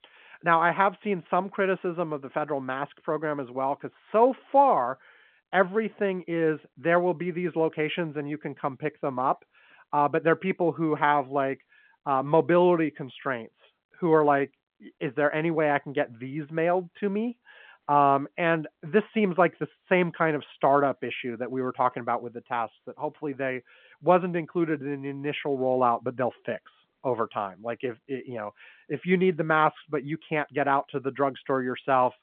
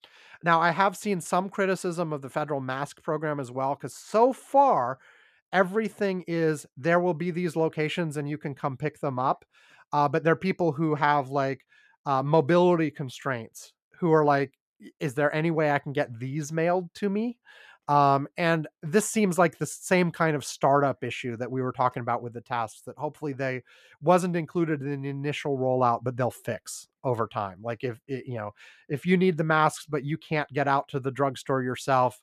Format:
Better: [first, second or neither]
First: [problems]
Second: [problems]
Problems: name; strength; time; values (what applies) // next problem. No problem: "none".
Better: second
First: phone-call audio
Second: none